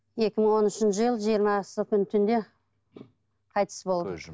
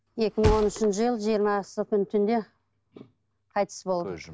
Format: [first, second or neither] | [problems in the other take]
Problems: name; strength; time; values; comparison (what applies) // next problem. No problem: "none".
first | background sound (Thump, thud); 7 dB below the speech